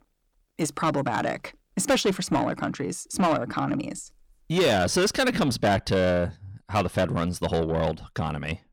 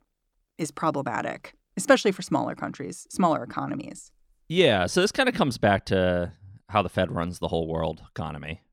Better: second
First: distortion; heavy; 7 dB below the speech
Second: none

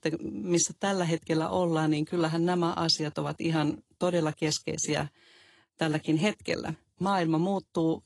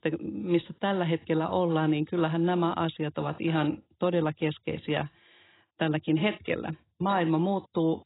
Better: first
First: garbled, watery; slightly; nothing above 11 kHz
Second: garbled, watery; badly; nothing above 4 kHz

